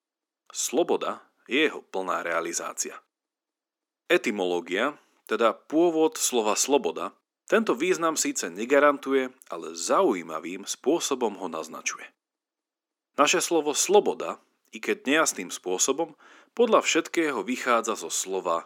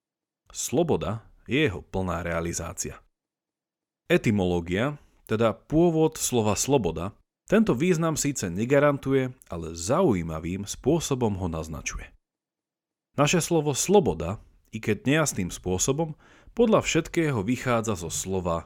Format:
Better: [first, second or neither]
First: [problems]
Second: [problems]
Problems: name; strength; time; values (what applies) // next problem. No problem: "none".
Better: second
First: thin; somewhat; fading below 250 Hz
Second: none